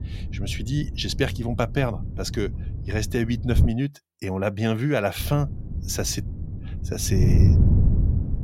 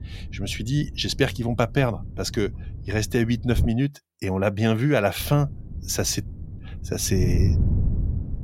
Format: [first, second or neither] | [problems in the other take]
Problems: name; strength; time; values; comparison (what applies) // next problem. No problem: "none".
second | wind noise on the microphone; heavy; until 3.5 s and from 5 s on; 9 dB below the speech; occasional gusts in the second